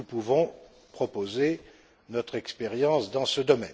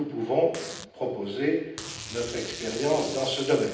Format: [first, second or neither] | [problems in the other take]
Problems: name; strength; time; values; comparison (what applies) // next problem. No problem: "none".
first | background sound (Packing tape, duct tape); 13 dB below the speech // room echo; dies away in 0.9 s